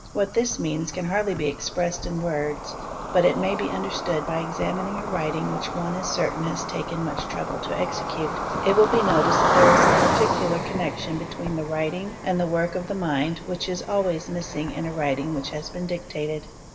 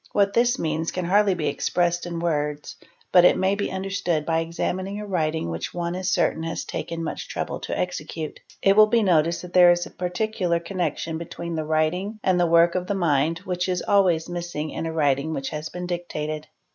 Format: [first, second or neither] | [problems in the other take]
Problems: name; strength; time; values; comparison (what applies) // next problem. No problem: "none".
second | background sound (Cricket); 2 dB below the speech // room echo; dies away in 2.8 s